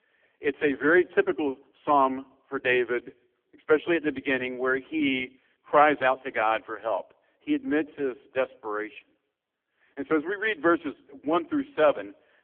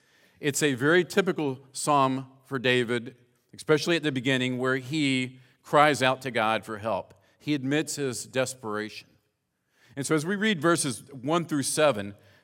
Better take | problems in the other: second | phone-call audio; poor line; nothing above 3.5 kHz

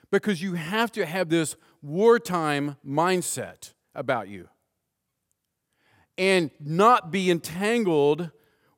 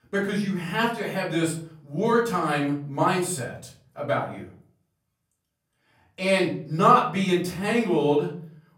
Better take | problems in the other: first | off-mic speech; far // room echo; slight; dies away in 0.5 s

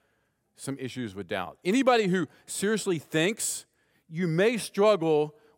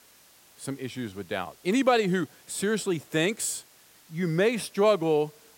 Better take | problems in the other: first | hiss; faint; throughout; 25 dB below the speech

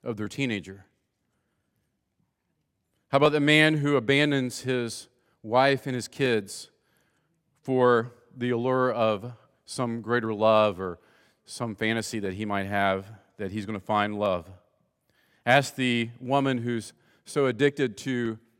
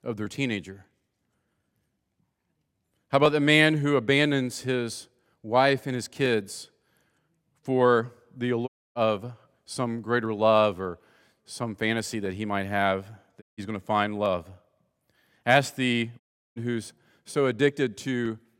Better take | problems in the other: first | audio cutting out; at 8.5 s, at 13 s and at 16 s

